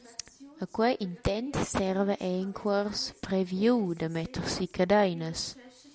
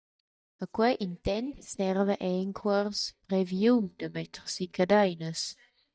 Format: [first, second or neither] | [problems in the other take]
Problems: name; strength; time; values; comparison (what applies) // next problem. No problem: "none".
first | noise reduction (neural mask model DeepFilterNet 3)